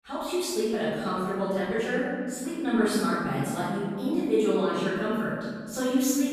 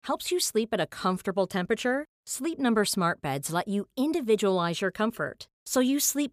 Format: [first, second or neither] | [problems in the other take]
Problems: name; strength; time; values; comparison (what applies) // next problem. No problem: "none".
second | off-mic speech; far // room echo; strong; dies away in 1.9 s